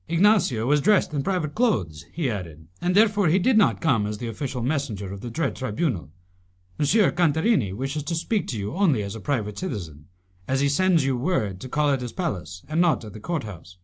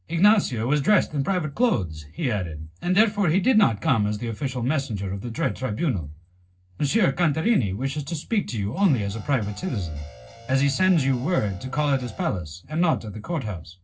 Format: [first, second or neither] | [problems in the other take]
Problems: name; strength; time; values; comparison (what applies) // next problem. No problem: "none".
first | noise reduction (neural separator model SepFormer DNS4)